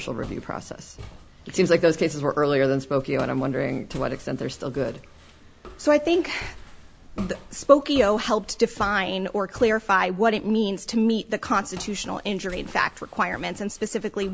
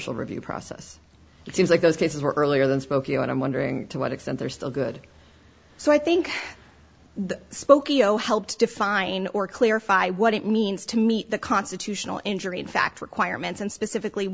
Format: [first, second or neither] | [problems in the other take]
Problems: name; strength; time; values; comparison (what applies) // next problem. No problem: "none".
second | background sound (Walk, footsteps); 19 dB below the speech